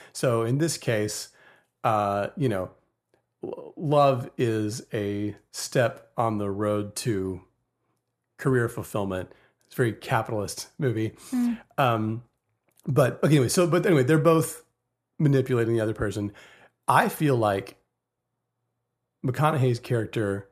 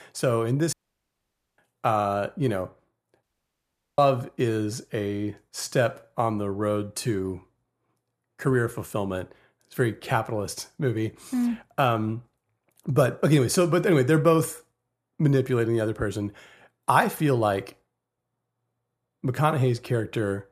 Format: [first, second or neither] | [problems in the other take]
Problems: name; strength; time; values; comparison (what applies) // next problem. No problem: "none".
first | audio cutting out; at 0.5 s for 1 s and at 3 s for 1 s